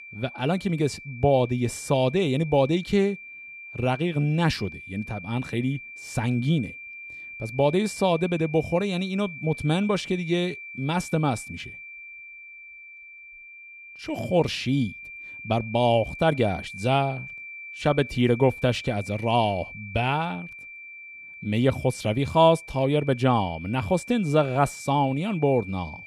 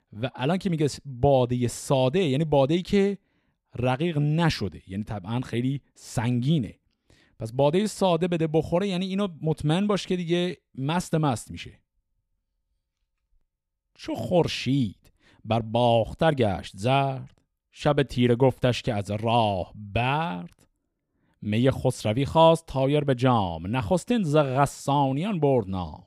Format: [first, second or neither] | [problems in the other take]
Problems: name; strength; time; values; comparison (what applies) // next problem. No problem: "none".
second | high-pitched whine; noticeable; throughout; 2.5 kHz, 15 dB below the speech